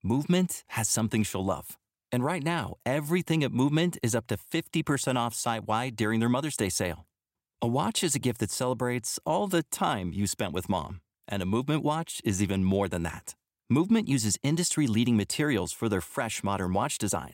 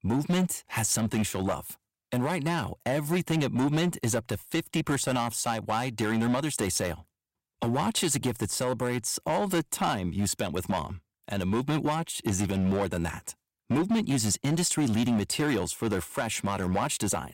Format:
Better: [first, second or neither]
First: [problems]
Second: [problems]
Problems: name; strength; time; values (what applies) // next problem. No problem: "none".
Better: first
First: none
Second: distortion; slight; 9% of the sound clipped